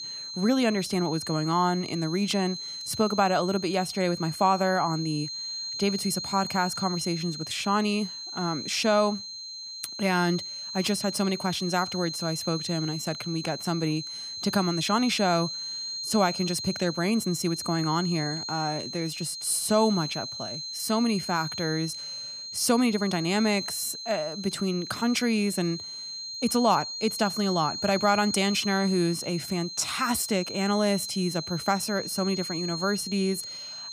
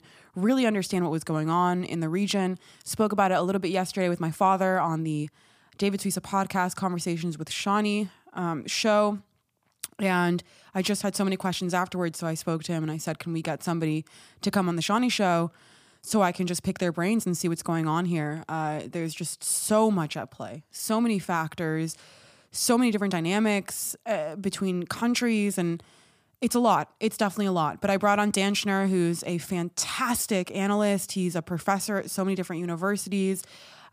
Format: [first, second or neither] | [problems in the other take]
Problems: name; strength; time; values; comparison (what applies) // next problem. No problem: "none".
second | high-pitched whine; loud; throughout; 4 kHz, 7 dB below the speech